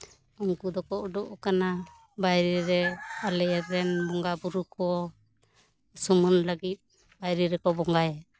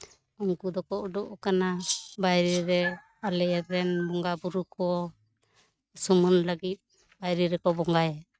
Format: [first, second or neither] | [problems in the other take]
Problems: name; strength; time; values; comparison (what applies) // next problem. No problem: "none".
first | noise reduction (neural mask model RNNoise)